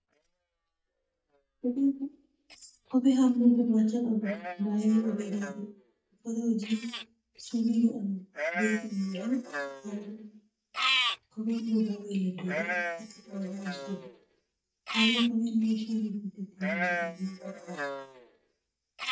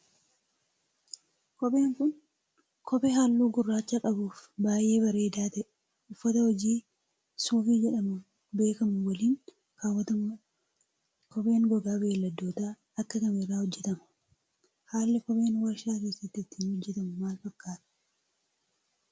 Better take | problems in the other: second | noise reduction (neural mask model DeepFilterNet 3)

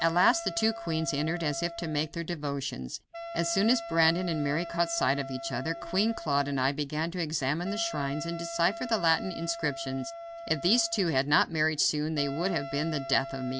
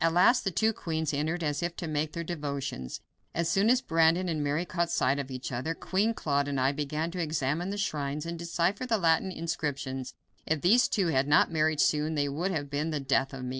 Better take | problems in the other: second | background sound (Wind instrument, woodwind instrument); 11 dB below the speech

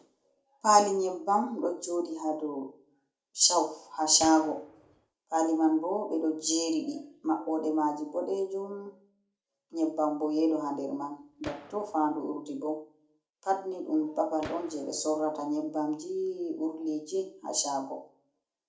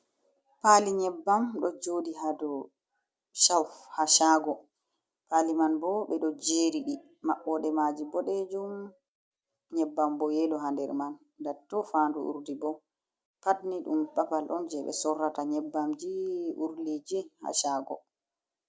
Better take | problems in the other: second | background sound (Gunshot, gunfire); 20 dB below the speech // room echo; dies away in 0.4 s

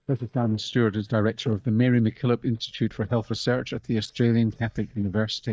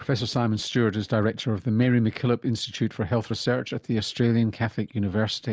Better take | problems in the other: second | noise reduction (neural mask model DeepFilterNet 3)

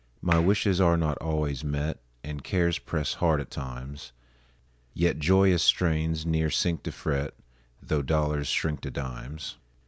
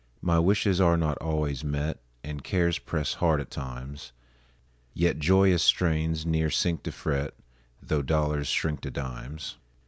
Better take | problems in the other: second | background sound (Clapping); 13 dB below the speech

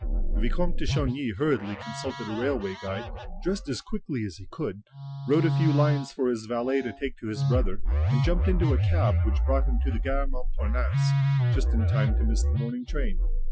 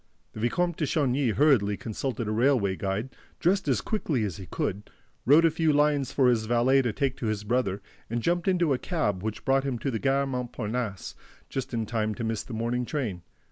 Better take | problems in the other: second | noise reduction (classical method Wiener filter)

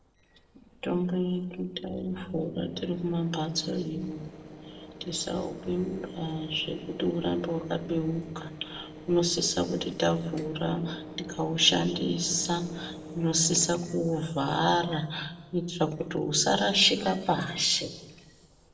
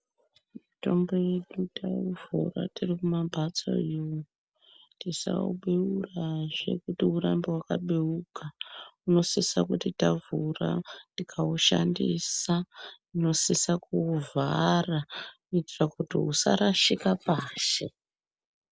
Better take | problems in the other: second | noise reduction (neural separator model SepFormer DNS4)

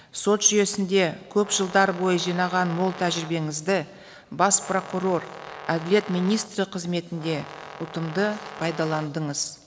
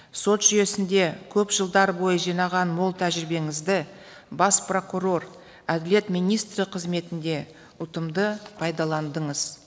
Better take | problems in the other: second | background sound (Brass instrument); 15 dB below the speech

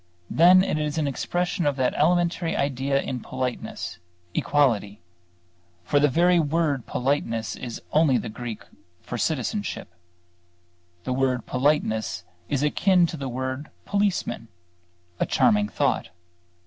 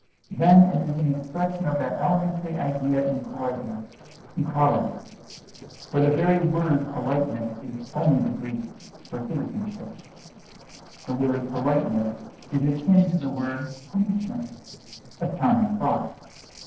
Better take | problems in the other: first | noise reduction (neural separator model SepFormer DNS4)

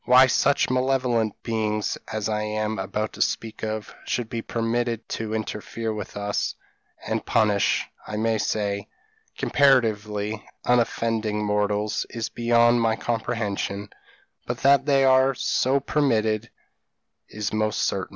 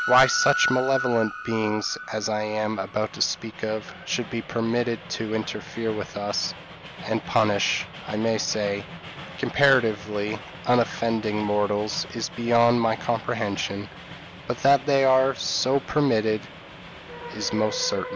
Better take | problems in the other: first | background sound (Train); 11 dB below the speech

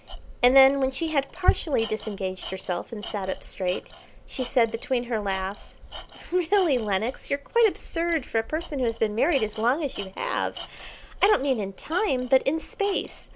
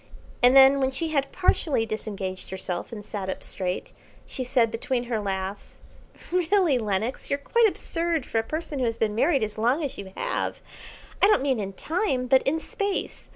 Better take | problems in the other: second | background sound (Tools); 19 dB below the speech

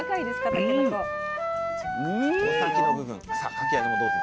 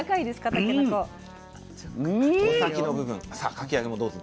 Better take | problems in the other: second | background sound (Wind instrument, woodwind instrument); 2 dB above the speech

